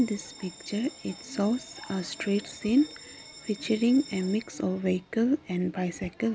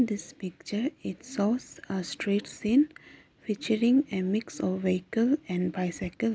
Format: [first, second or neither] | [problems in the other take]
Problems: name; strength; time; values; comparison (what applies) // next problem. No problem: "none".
second | background sound (Bell); 19 dB below the speech